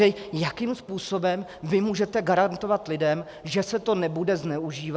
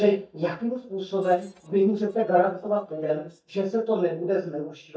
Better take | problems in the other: first | noise reduction (neural mask model DeepFilterNet 3)

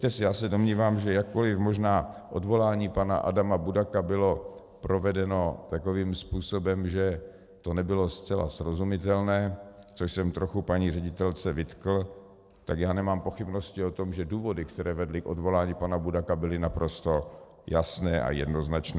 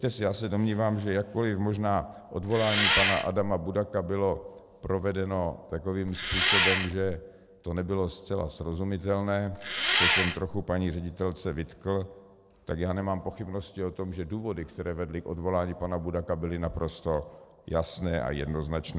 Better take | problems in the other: first | background sound (Engine); 3 dB above the speech

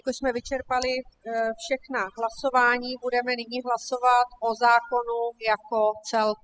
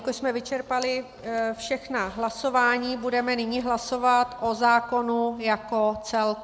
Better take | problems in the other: second | noise reduction (classical method spectral subtraction)

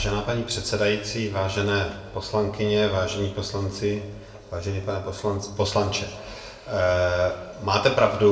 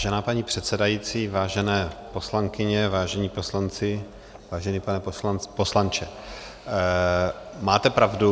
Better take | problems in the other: second | room echo; dies away in 0.8 s

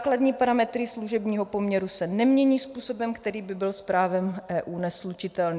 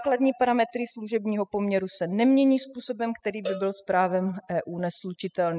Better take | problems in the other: first | noise reduction (classical method spectral subtraction)

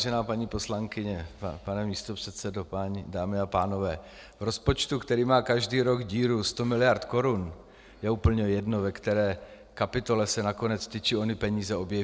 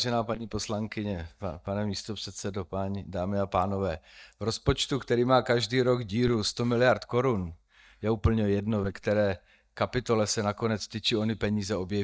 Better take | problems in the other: first | noise reduction (neural mask model DeepFilterNet 3)

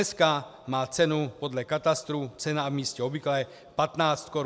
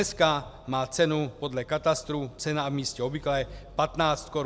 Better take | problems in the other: first | background sound (Engine); 20 dB below the speech

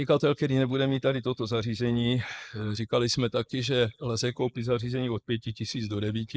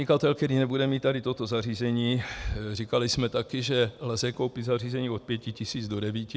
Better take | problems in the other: second | noise reduction (neural mask model Resemble Enhance denoiser)

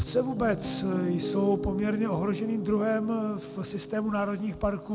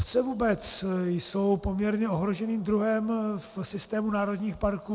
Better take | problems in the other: second | background sound (Piano); 8 dB below the speech

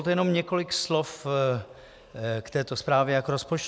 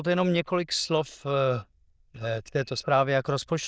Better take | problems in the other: first | noise reduction (neural diffusion model UNIVERSE++)

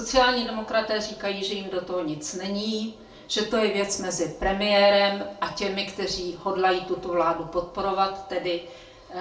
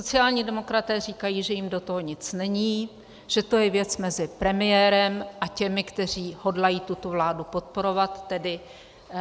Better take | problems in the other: second | room echo; dies away in 0.3 s

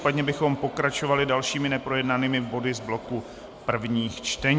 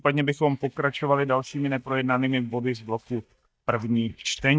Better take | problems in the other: first | noise reduction (neural mask model DeepFilterNet 3)

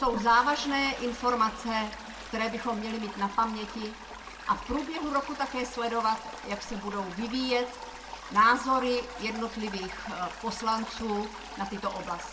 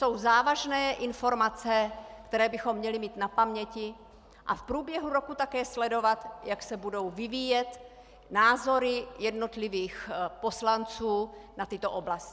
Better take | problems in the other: second | background sound (Toilet flush); 12 dB below the speech // room echo; dies away in 0.2 s

